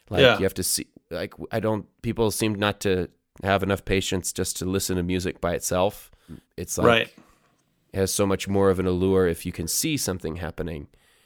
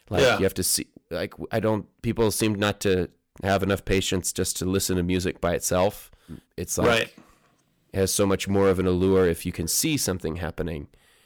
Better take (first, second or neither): first